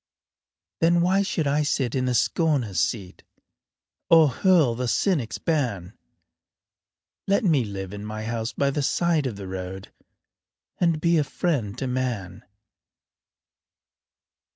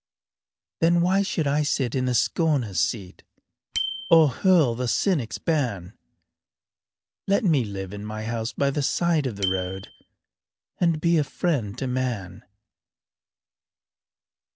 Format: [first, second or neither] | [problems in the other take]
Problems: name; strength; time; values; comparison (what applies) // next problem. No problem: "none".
first | background sound (Bicycle bell); 17 dB below the speech